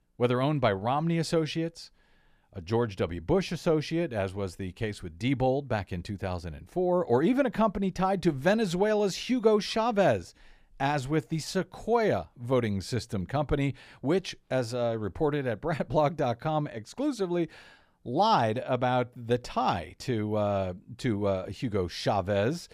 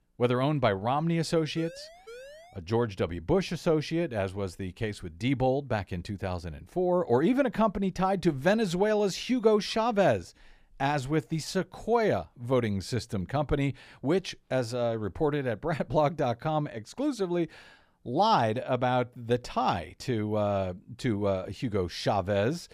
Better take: first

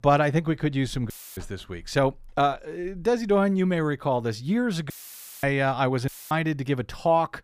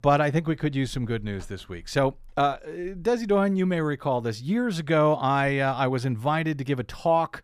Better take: second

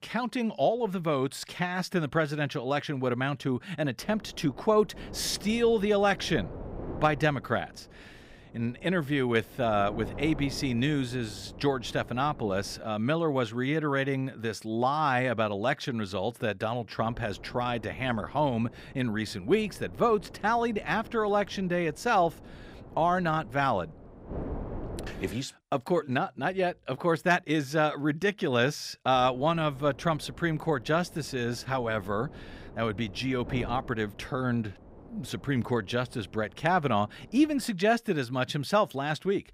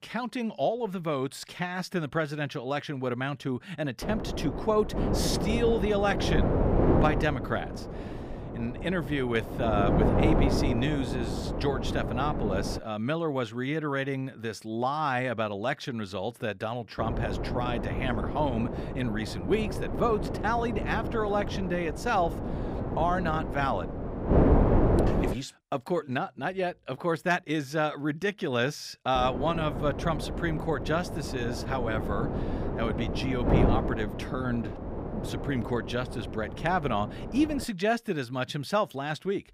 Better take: first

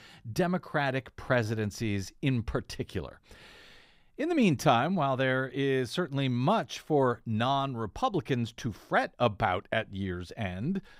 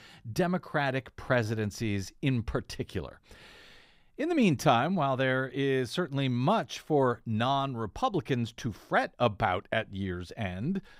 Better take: neither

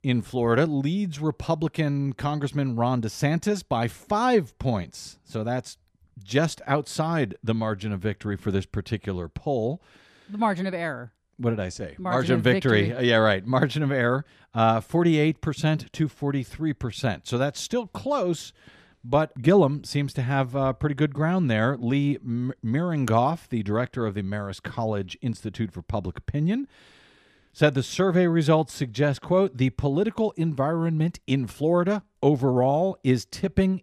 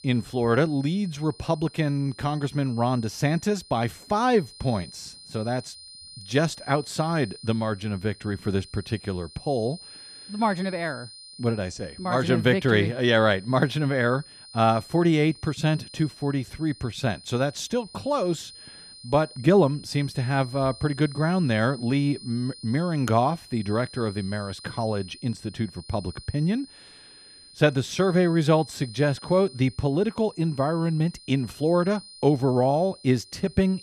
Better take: first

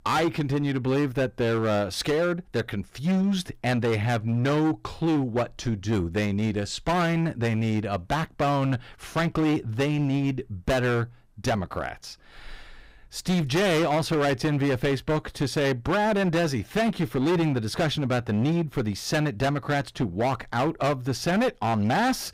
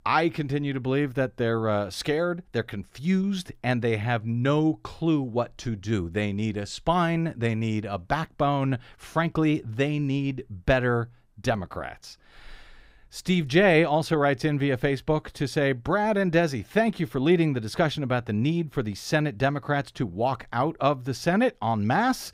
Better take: second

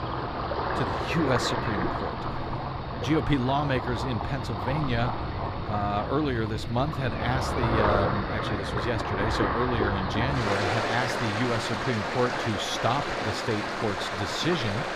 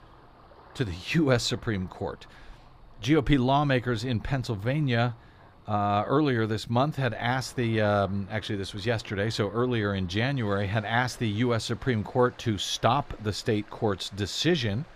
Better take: second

